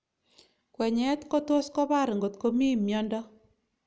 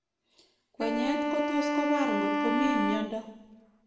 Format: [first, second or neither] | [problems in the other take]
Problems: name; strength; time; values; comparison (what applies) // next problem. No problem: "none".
first | background sound (Wind instrument, woodwind instrument); 2 dB above the speech // room echo; dies away in 0.9 s